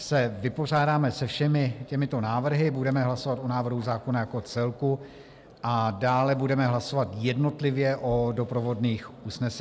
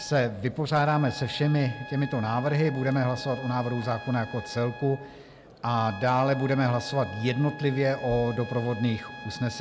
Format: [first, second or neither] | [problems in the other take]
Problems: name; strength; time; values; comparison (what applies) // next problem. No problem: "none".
first | background sound (Trumpet); 16 dB below the speech